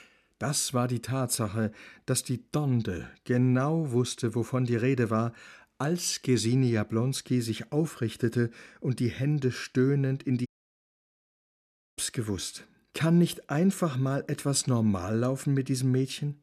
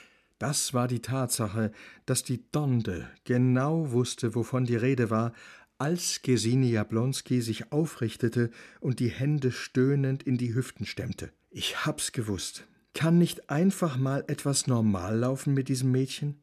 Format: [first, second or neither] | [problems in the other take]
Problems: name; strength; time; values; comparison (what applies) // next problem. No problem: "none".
second | audio cutting out; at 10 s for 1.5 s